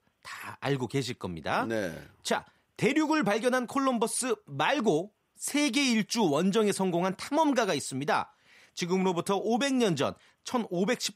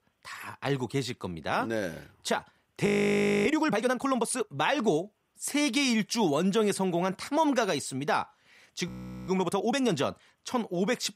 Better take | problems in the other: first | audio freezing; at 3 s for 0.5 s and at 9 s

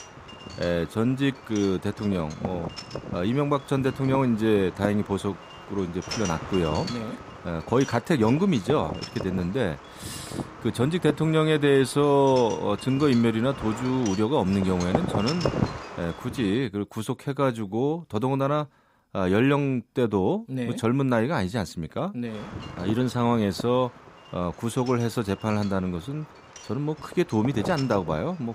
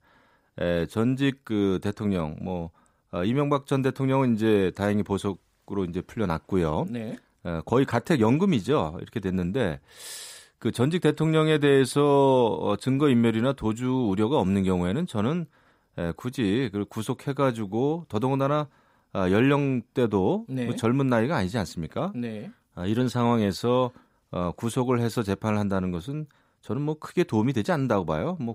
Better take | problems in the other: second | wind noise on the microphone; occasional gusts; until 17 s and from 22 s on; 10 dB below the speech

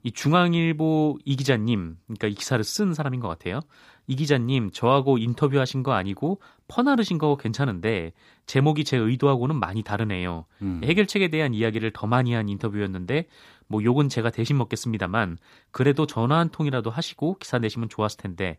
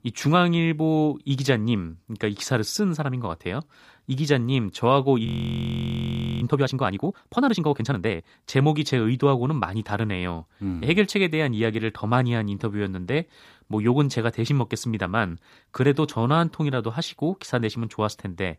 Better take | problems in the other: first | audio freezing; at 5.5 s for 1 s

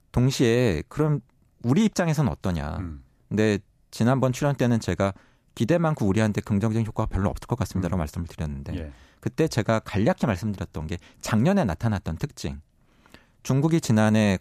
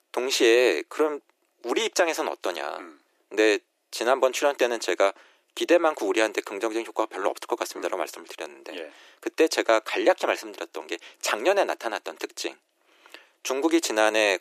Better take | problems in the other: first | thin; very; fading below 350 Hz

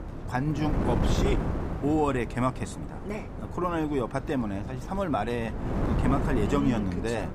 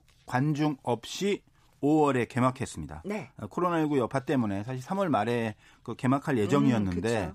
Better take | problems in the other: second | wind noise on the microphone; heavy; 6 dB below the speech

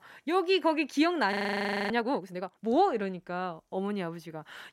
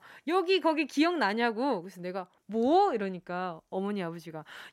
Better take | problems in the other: second | audio freezing; at 1.5 s for 0.5 s

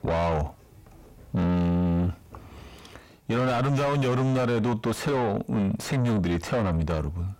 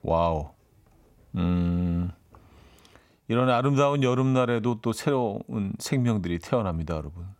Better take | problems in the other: second | distortion; heavy; 6 dB below the speech

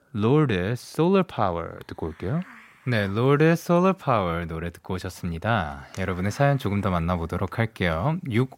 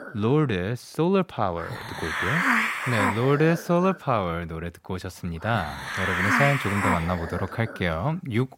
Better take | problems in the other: first | hiss; loud; throughout; as loud as the speech; faint in the first

